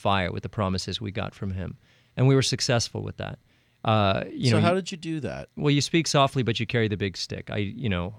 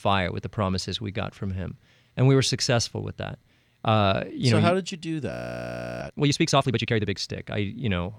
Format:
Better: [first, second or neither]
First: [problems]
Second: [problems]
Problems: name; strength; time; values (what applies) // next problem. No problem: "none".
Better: first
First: none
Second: audio freezing; at 5.5 s for 0.5 s